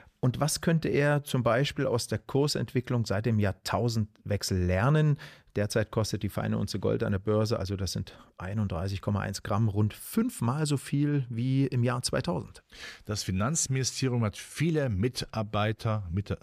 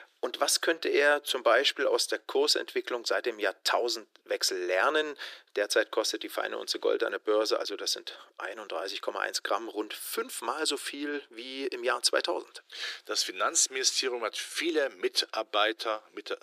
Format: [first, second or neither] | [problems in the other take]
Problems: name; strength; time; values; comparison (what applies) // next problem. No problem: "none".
first | thin; very; fading below 350 Hz